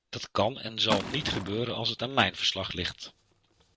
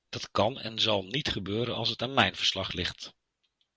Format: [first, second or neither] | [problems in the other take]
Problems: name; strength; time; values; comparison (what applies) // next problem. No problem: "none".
second | background sound (Liquid); 9 dB below the speech